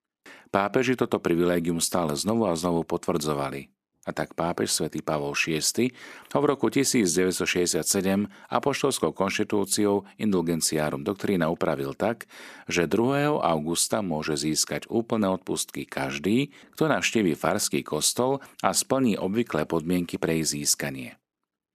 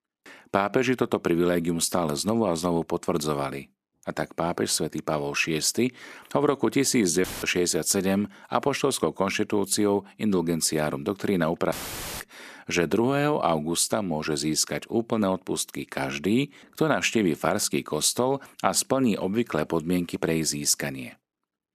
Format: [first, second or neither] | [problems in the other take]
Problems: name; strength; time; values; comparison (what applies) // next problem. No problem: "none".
first | audio cutting out; filled with static; at 7 s and at 12 s